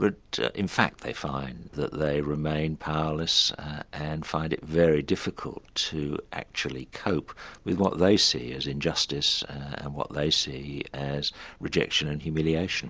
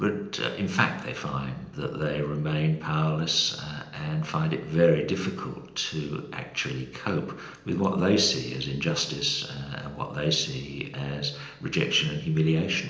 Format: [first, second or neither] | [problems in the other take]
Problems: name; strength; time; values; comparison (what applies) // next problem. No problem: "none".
first | room echo; dies away in 0.8 s